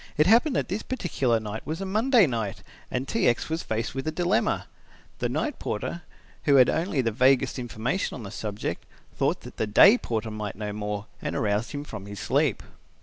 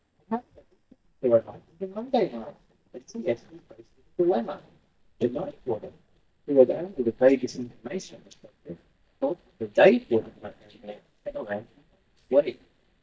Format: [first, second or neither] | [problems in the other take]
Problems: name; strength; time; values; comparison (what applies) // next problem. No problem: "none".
first | noise reduction (neural mask model DeepFilterNet 3)